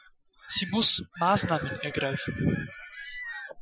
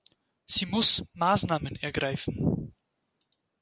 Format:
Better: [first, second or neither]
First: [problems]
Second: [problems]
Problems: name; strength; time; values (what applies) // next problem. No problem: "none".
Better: second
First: noise reduction (classical method Wiener filter)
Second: none